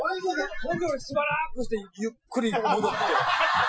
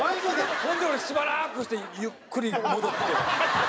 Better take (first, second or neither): second